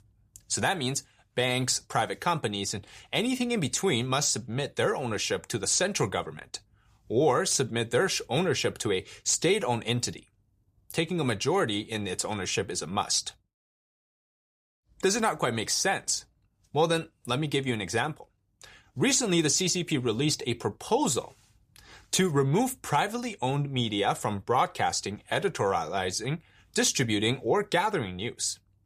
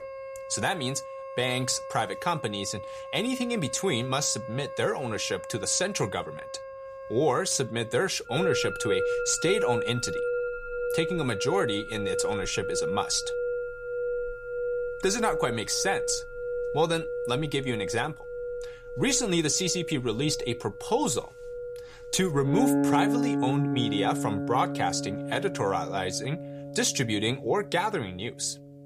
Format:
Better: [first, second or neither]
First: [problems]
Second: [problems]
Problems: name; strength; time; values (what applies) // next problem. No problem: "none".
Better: first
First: none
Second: background music; loud; throughout; 5 dB below the speech